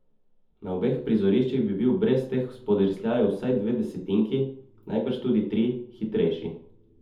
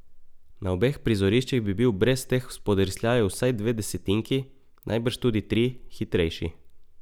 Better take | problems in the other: second | room echo; dies away in 0.6 s

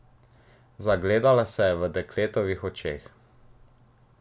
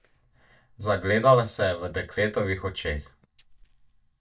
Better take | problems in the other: first | noise reduction (neural mask model DeepFilterNet 3)

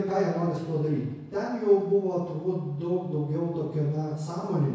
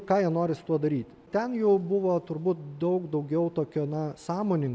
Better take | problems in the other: second | room echo; dies away in 1.1 s

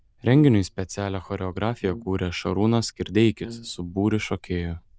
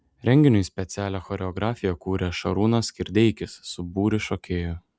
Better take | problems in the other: second | noise reduction (neural diffusion model UNIVERSE++)

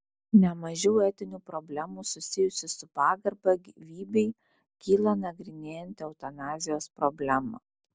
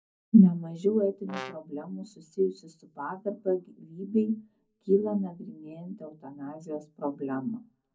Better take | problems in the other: first | background sound (Brass instrument); 14 dB below the speech // room echo; dies away in 0.4 s

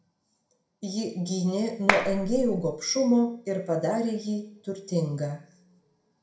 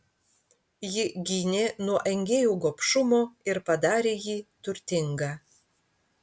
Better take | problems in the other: second | background sound (Clapping); as loud as the speech // room echo; dies away in 0.5 s

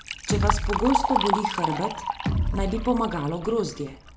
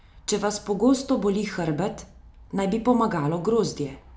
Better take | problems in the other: second | background sound (Bass drum + Liquid); 1 dB above the speech

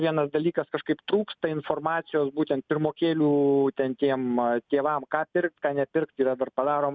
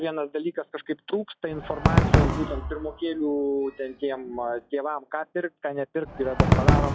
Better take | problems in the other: first | noise reduction (classical method log-MMSE)

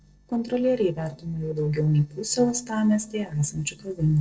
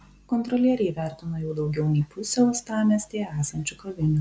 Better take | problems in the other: second | noise reduction (neural separator model SepFormer DNS4)

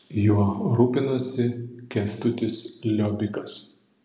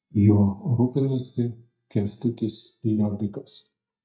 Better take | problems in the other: first | noise reduction (neural mask model DeepFilterNet 3)

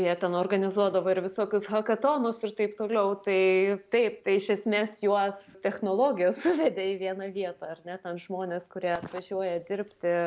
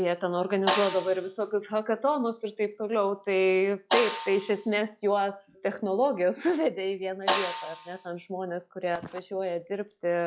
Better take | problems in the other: first | noise reduction (classical method log-MMSE)

